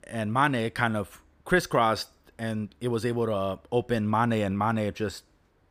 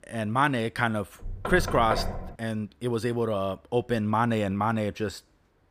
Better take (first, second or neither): first